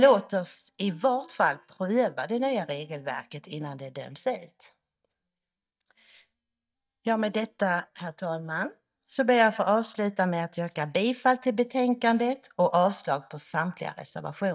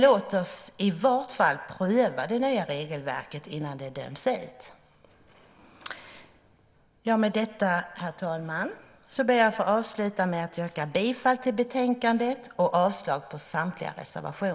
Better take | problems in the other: second | noise reduction (neural mask model DeepFilterNet 3)

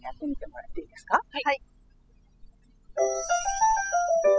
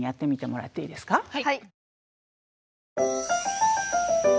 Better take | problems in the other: second | noise reduction (classical method spectral subtraction)

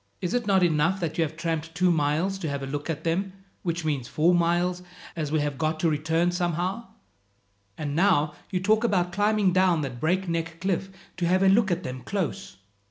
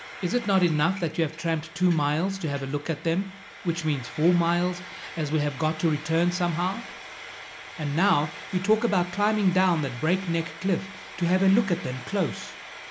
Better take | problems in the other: first | background sound (Frying (food)); 15 dB below the speech

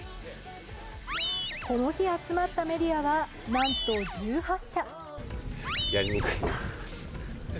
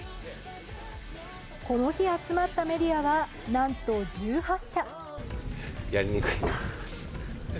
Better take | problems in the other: second | background sound (Animal); 6 dB below the speech

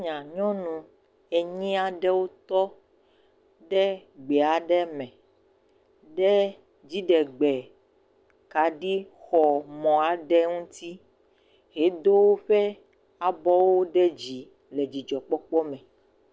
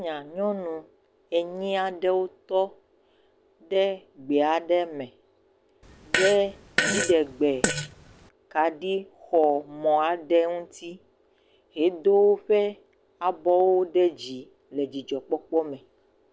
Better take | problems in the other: first | background sound (Fart); 3 dB below the speech

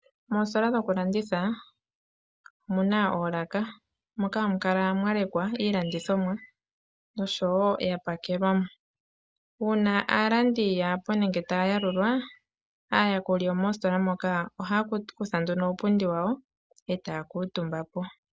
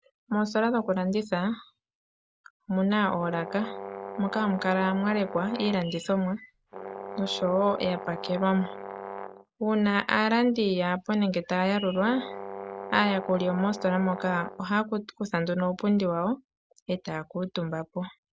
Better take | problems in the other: first | background sound (Brass instrument); 11 dB below the speech

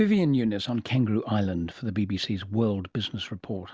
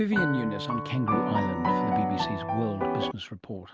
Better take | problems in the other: first | background sound (Piano); 2 dB above the speech

